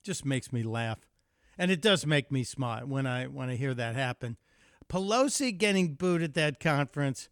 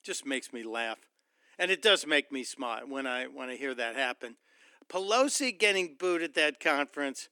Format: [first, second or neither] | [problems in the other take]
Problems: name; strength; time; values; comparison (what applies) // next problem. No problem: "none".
first | thin; somewhat; fading below 300 Hz